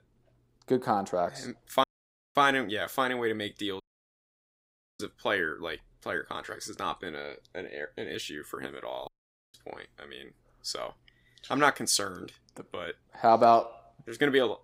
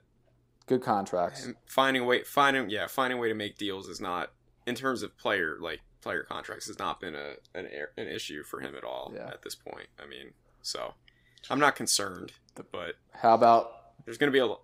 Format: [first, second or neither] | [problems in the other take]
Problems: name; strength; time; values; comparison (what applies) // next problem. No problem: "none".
second | audio cutting out; at 2 s for 0.5 s, at 4 s for 1 s and at 9 s